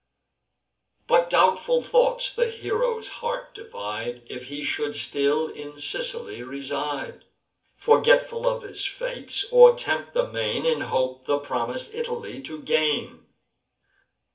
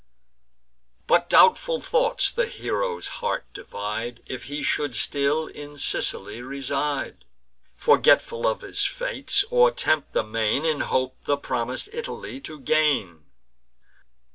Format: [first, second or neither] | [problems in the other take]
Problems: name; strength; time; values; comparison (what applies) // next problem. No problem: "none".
second | room echo; dies away in 0.3 s